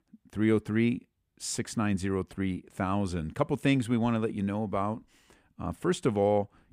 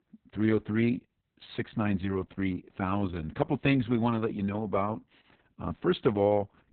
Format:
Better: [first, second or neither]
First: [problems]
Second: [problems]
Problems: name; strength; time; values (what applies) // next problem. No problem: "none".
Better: first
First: none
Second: garbled, watery; badly; nothing above 4 kHz